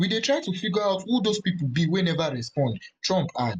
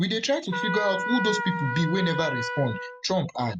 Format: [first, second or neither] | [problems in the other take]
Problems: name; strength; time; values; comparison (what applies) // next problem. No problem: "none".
first | background sound (Trumpet); 5 dB below the speech